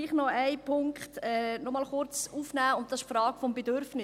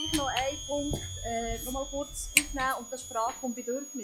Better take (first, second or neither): first